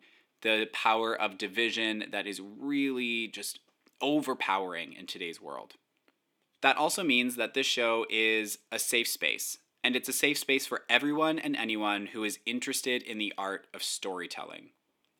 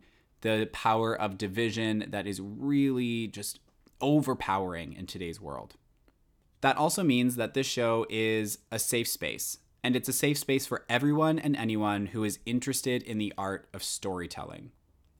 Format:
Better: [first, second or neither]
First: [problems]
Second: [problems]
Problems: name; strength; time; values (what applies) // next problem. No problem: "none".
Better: second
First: thin; very slightly; fading below 250 Hz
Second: none